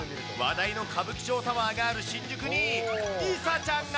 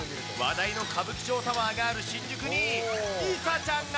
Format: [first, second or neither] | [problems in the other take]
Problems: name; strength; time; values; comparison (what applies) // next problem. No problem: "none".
first | background sound (Drill); 12 dB below the speech